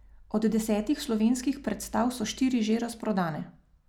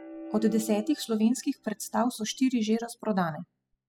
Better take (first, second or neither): first